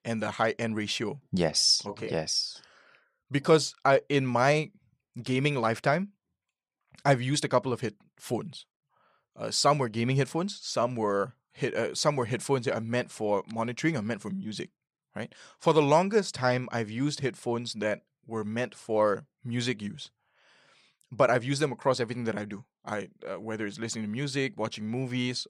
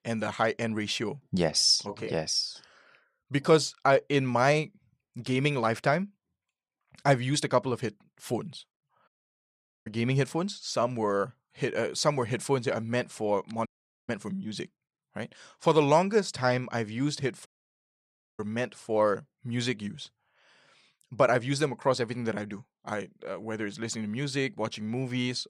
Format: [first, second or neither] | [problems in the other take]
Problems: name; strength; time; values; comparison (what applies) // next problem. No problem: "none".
first | audio cutting out; at 9 s for 1 s, at 14 s and at 17 s for 1 s